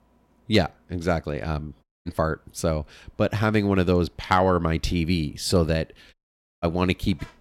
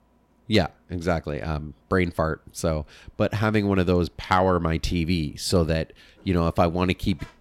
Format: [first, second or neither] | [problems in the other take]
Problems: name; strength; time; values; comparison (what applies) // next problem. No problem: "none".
second | audio cutting out; at 2 s and at 6 s